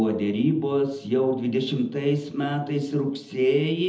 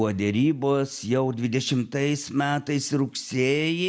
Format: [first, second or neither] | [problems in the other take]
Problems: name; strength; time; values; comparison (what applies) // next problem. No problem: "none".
second | room echo; dies away in 0.8 s